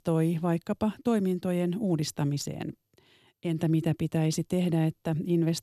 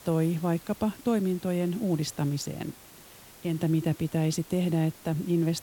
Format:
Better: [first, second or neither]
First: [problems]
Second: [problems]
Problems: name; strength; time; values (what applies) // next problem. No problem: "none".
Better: first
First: none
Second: hiss; noticeable; throughout; 20 dB below the speech